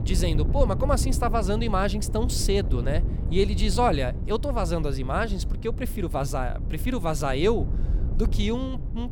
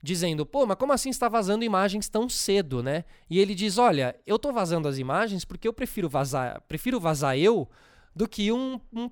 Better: second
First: wind noise on the microphone; occasional gusts; 15 dB below the speech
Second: none

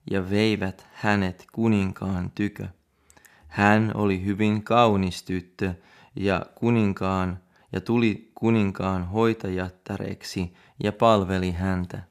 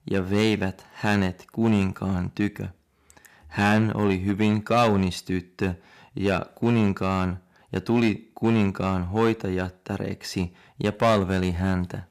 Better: first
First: none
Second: distortion; slight; 4% of the sound clipped

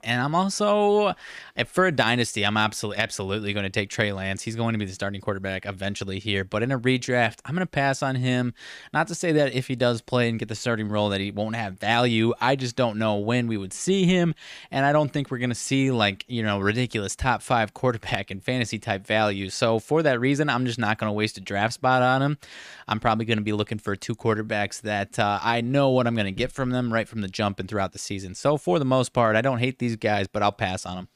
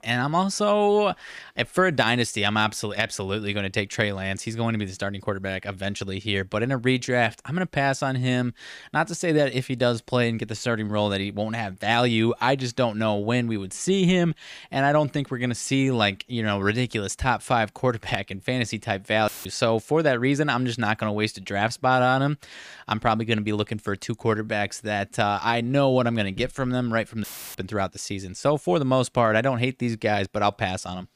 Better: first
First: none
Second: audio cutting out; filled with static; at 19 s and at 27 s

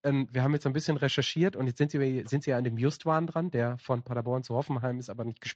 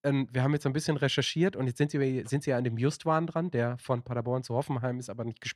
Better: second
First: garbled, watery; slightly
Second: none

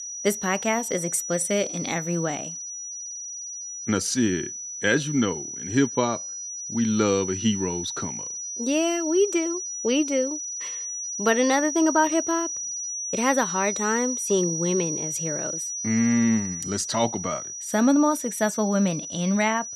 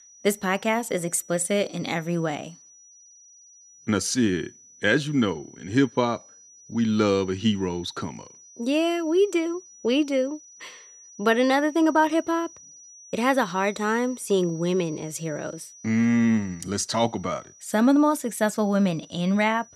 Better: second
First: high-pitched whine; loud; throughout; 6 kHz, 5 dB below the speech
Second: high-pitched whine; faint; throughout; 6 kHz, 20 dB below the speech

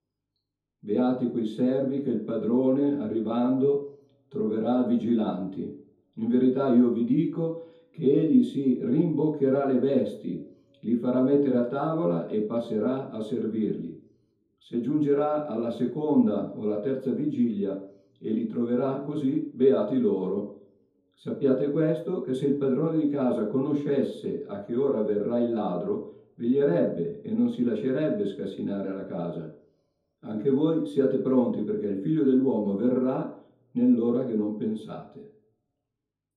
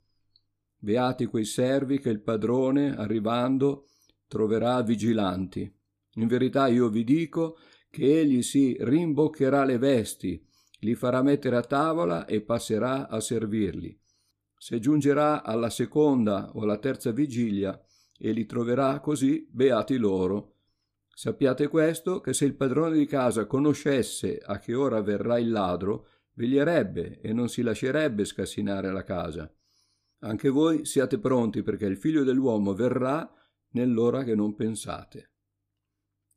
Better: second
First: room echo; noticeable; dies away in 0.5 s // off-mic speech; far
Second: none

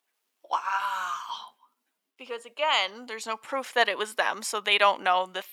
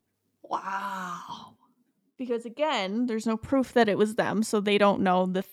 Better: second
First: thin; very; fading below 950 Hz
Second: none

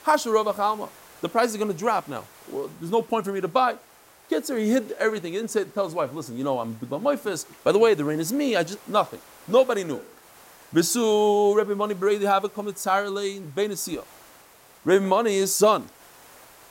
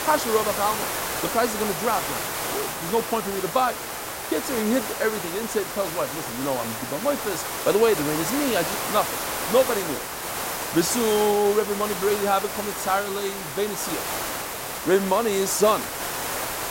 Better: first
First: hiss; faint; throughout; 25 dB below the speech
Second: hiss; loud; throughout; 3 dB below the speech

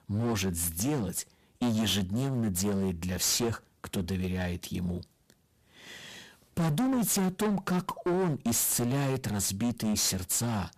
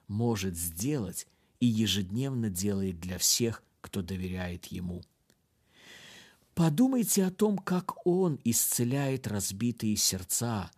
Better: second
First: distortion; heavy; 18% of the sound clipped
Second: none

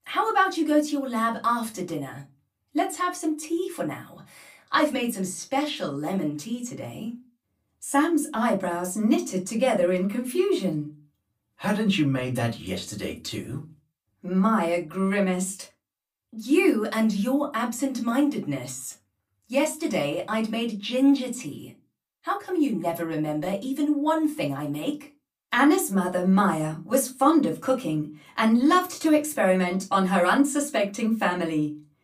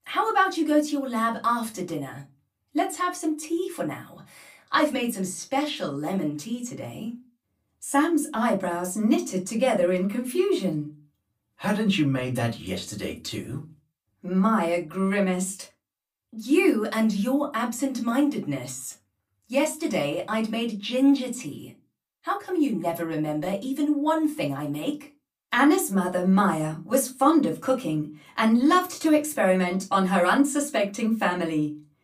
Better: neither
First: off-mic speech; far // room echo; very slight; dies away in 0.2 s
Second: off-mic speech; far // room echo; very slight; dies away in 0.2 s

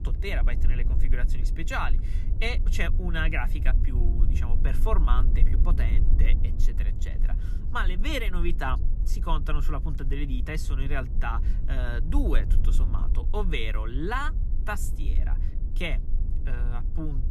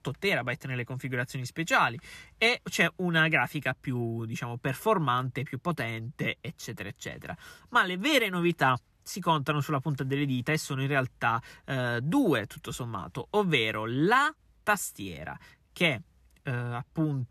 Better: second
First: low rumble; noticeable; throughout; 15 dB below the speech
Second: none

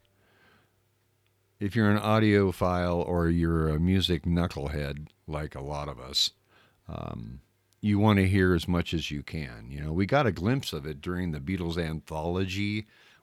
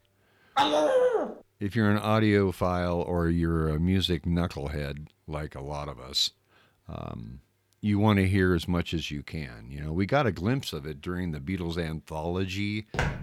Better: first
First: none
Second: dog barking; loud; at 0.5 s; peak 5 dB above the speech // footsteps; noticeable; at 13 s; peak 3 dB below the speech

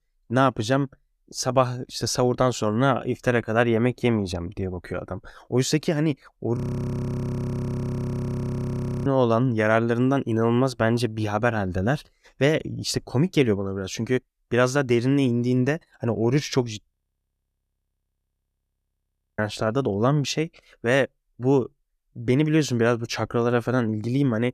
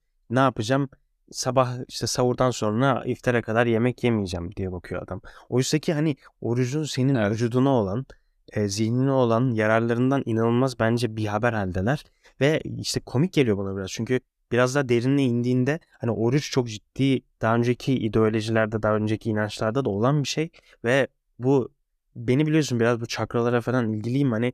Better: second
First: audio freezing; at 6.5 s for 2.5 s and at 17 s for 2.5 s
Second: none

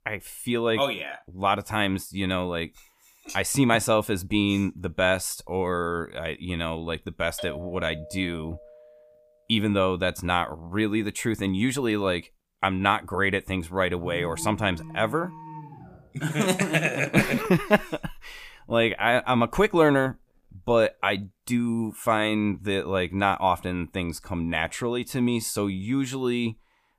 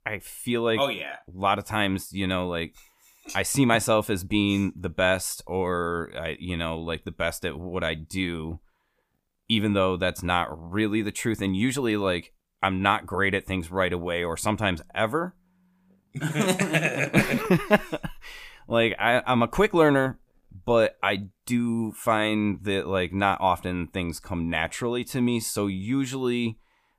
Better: second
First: doorbell; faint; from 7.5 to 9 s; peak 10 dB below the speech // alarm; faint; from 14 to 16 s; peak 10 dB below the speech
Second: none

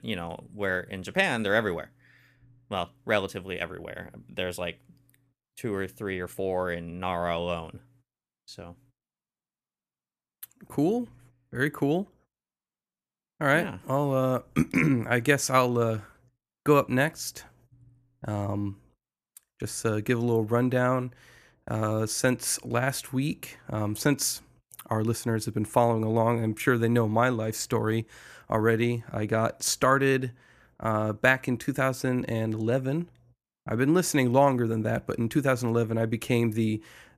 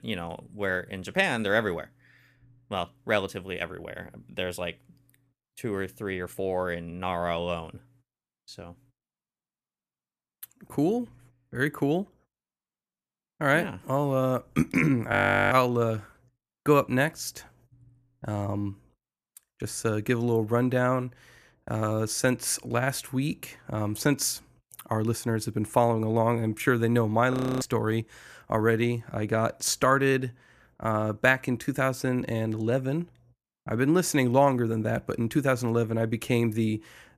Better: first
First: none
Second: audio freezing; at 15 s and at 27 s

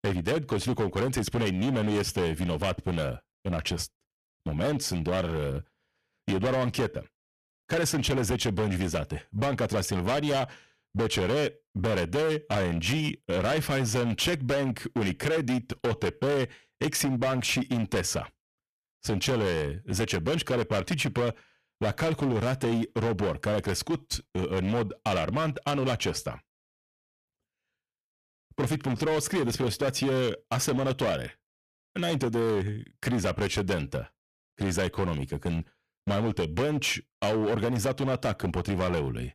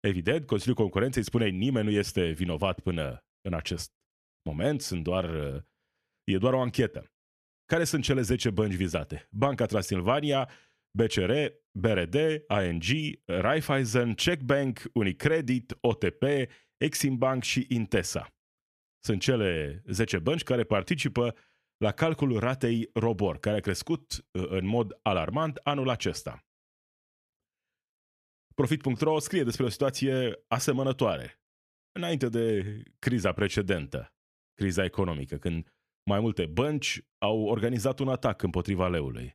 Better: second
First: distortion; heavy; 17% of the sound clipped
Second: none

